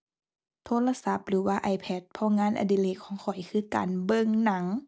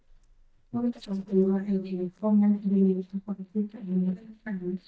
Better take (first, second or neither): first